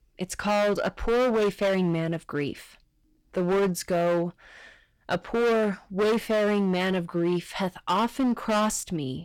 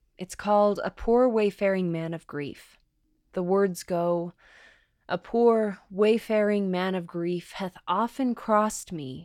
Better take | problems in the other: second | distortion; heavy; 16% of the sound clipped

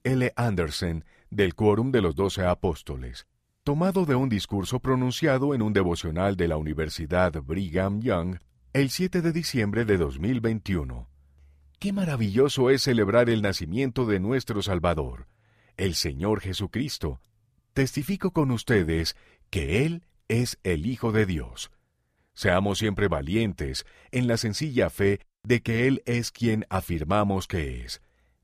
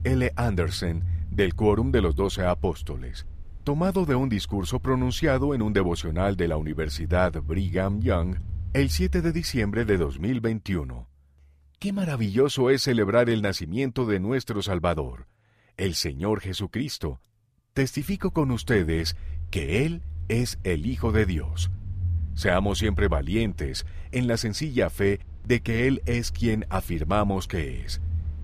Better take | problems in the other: first | low rumble; faint; until 10 s and from 18 s on; 25 dB below the speech

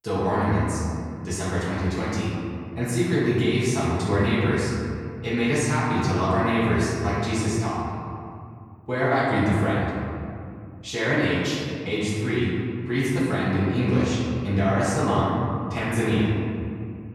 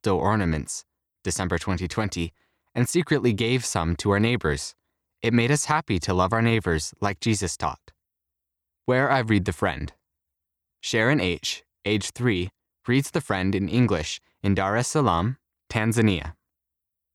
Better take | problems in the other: second | off-mic speech; far // room echo; strong; dies away in 2.4 s

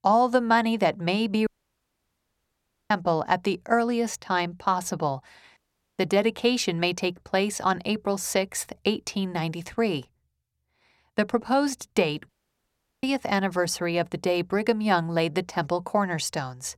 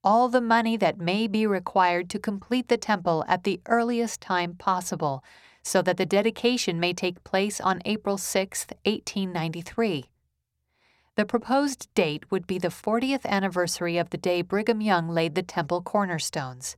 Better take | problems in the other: second | audio cutting out; at 1.5 s for 1.5 s, at 5.5 s and at 12 s for 0.5 s

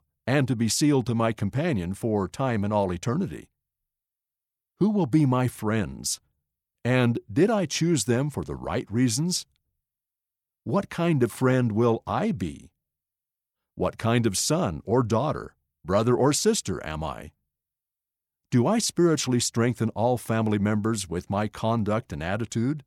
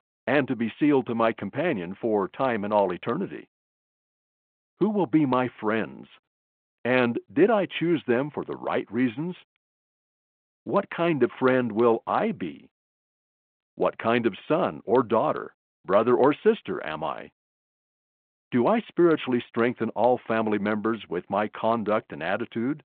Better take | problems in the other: first | phone-call audio

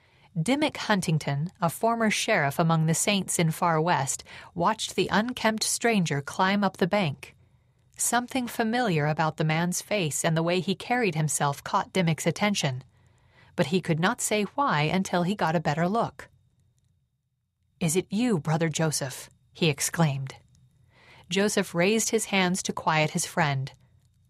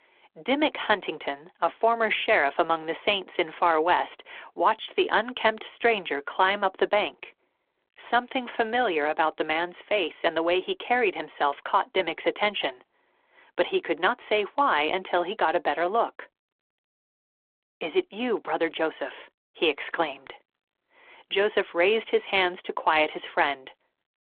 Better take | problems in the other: first | phone-call audio

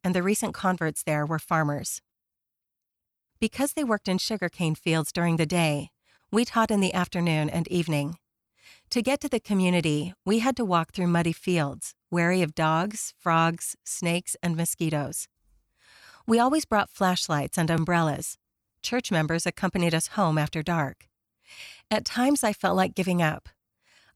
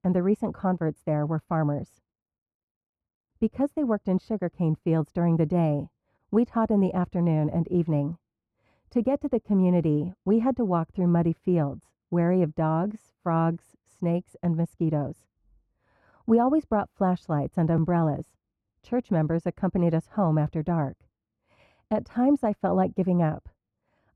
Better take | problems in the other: first | muffled; very; fading above 2 kHz

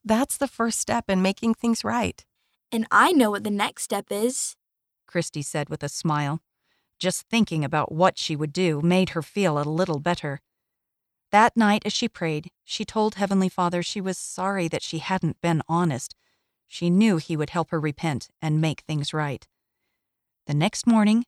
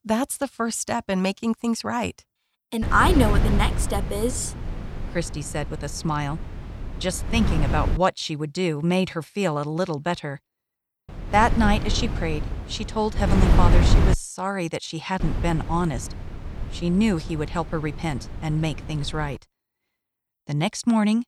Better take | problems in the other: first | wind noise on the microphone; heavy; from 3 to 8 s, from 11 to 14 s and from 15 to 19 s; 9 dB below the speech

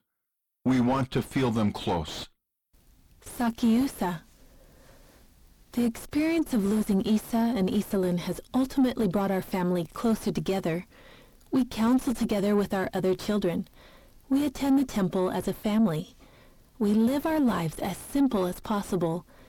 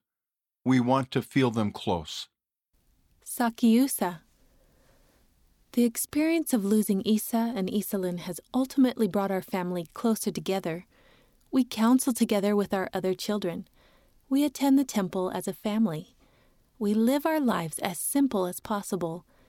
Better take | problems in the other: second | distortion; heavy; 6 dB below the speech

